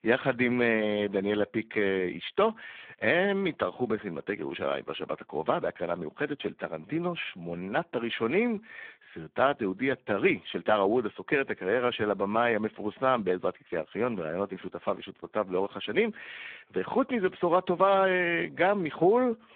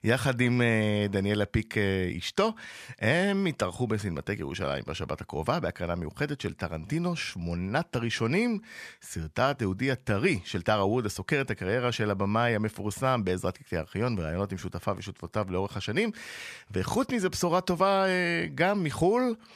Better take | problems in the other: second | phone-call audio; poor line

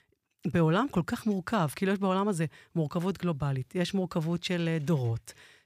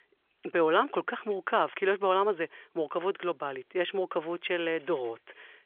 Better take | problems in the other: first | phone-call audio; nothing above 3.5 kHz

